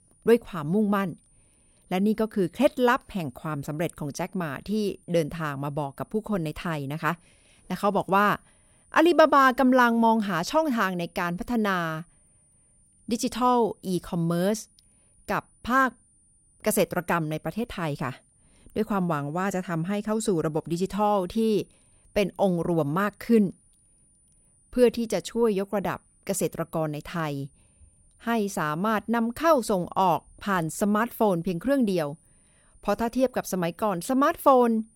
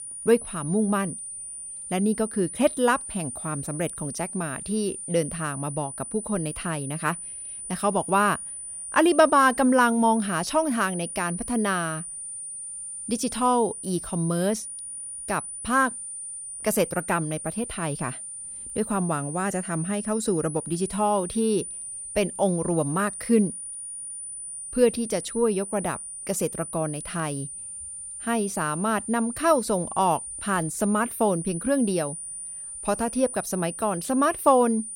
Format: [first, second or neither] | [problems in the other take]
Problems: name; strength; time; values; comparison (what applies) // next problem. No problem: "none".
first | high-pitched whine; loud; throughout; 9.5 kHz, 8 dB below the speech; faint in the first